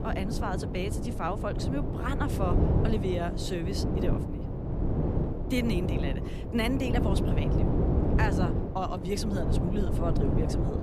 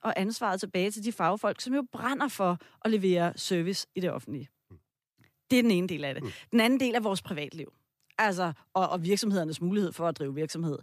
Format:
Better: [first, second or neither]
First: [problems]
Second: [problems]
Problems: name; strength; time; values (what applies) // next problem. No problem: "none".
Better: second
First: wind noise on the microphone; heavy; 2 dB below the speech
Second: none